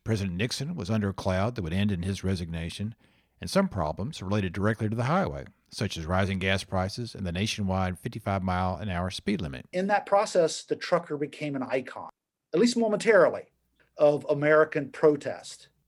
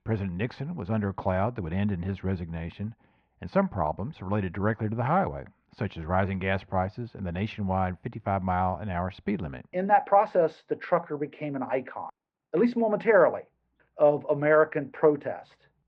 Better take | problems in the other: first | muffled; very; fading above 2 kHz

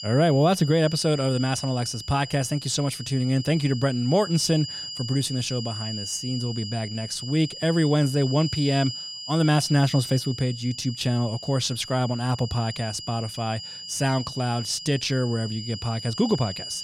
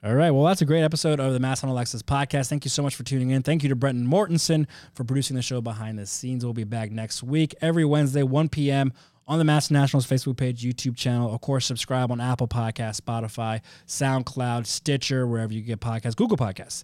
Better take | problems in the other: second | high-pitched whine; loud; throughout; 5 kHz, 9 dB below the speech

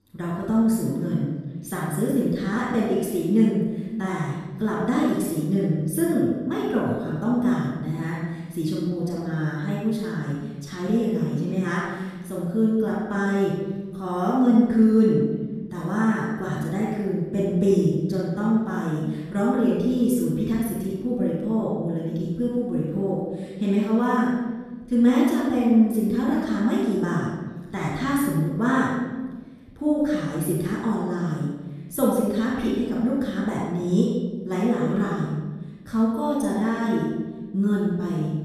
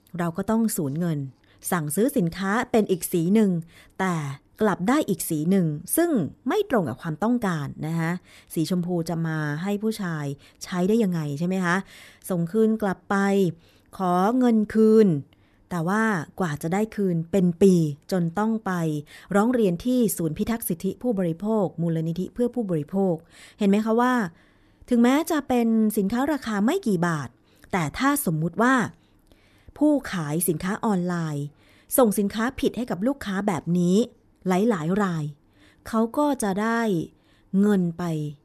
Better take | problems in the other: second | room echo; strong; dies away in 1.2 s // off-mic speech; far

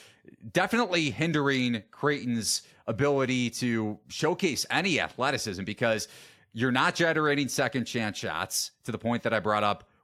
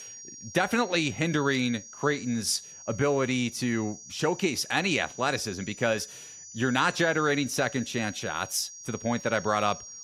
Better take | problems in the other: first | high-pitched whine; noticeable; throughout; 6 kHz, 15 dB below the speech

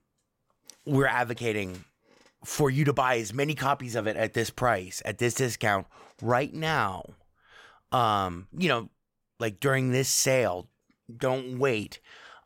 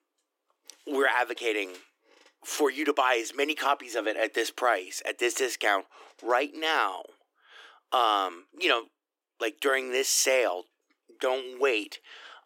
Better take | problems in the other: first | thin; somewhat; fading below 300 Hz

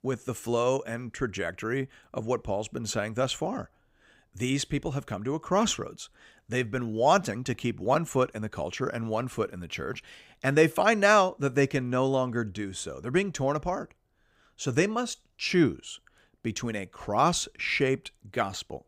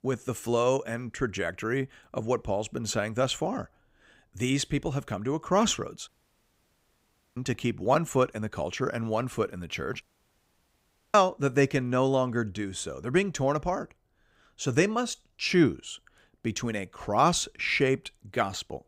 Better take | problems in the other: first | audio cutting out; at 6 s for 1.5 s and at 10 s for 1 s

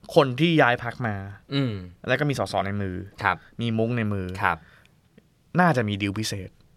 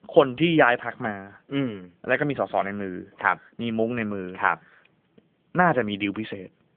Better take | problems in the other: first | phone-call audio; nothing above 3.5 kHz

